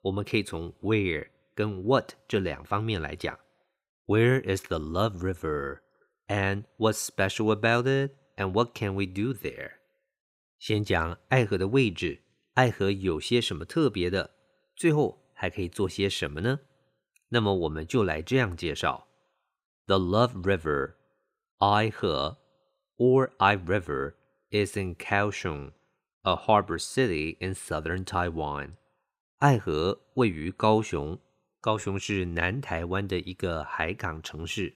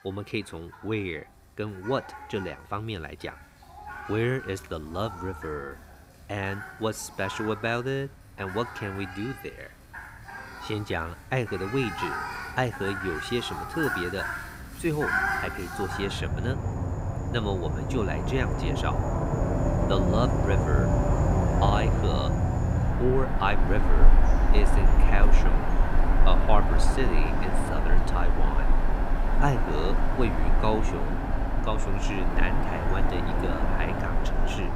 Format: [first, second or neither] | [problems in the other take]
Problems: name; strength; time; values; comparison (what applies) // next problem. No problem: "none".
first | animal sounds; very loud; throughout; 4 dB above the speech